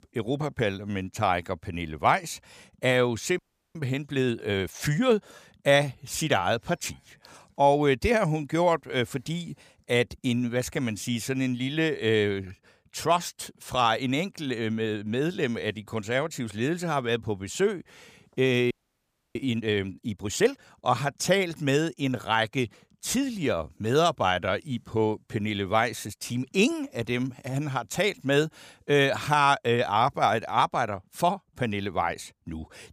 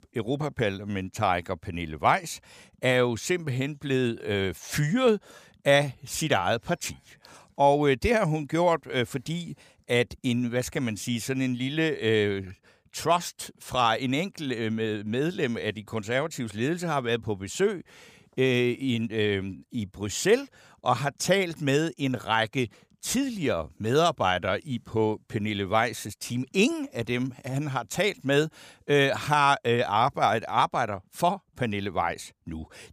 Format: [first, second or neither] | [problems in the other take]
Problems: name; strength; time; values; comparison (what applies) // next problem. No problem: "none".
second | audio freezing; at 3.5 s and at 19 s for 0.5 s